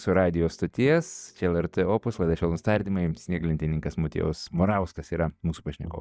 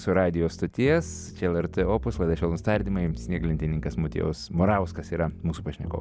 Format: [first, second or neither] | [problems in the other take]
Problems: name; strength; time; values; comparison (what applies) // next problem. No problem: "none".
second | noise reduction (neural mask model DeepFilterNet 3)